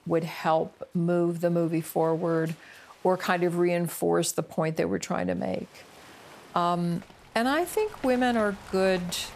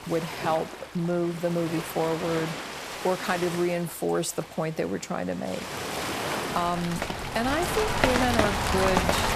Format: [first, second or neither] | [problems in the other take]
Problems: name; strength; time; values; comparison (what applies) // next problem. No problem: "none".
first | rain or running water; loud; throughout; 1 dB below the speech; faint in the first